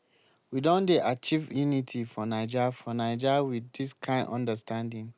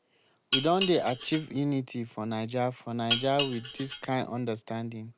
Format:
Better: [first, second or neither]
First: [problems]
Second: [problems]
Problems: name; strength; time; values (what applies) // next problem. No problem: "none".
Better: first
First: none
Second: background sound (Dishes, pots, and pans); 5 dB below the speech